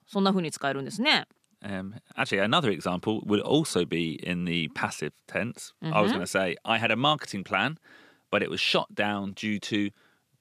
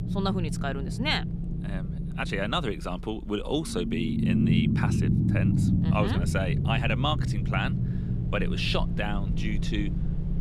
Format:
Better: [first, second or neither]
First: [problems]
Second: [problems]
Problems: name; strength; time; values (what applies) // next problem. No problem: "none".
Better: first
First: none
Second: low rumble; loud; throughout; 6 dB below the speech